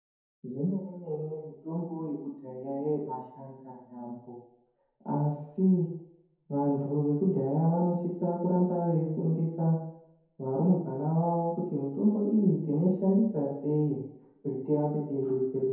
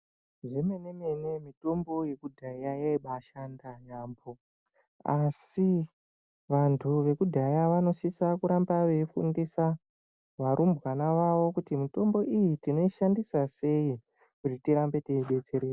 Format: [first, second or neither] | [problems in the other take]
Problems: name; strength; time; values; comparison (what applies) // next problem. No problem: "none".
second | room echo; dies away in 0.9 s